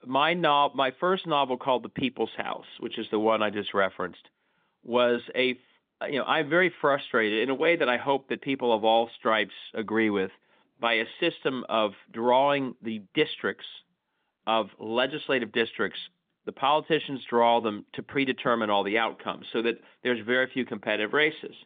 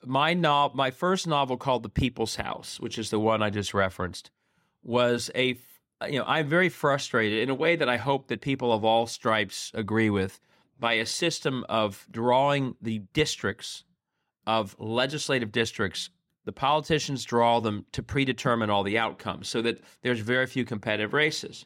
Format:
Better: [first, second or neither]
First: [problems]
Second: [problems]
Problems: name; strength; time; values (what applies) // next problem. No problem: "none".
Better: second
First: phone-call audio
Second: none